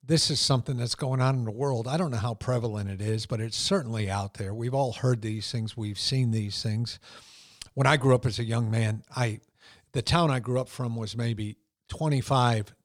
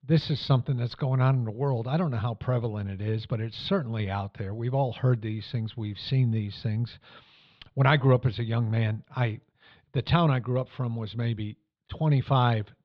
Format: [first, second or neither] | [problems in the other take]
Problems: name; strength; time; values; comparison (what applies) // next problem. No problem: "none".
first | muffled; slightly; fading above 3.5 kHz